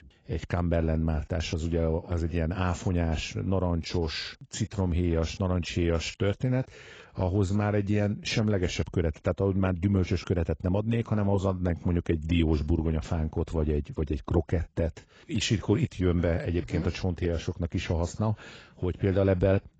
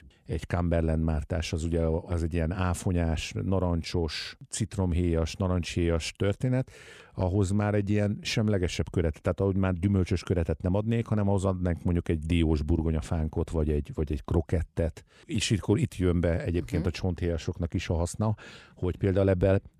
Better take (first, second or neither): second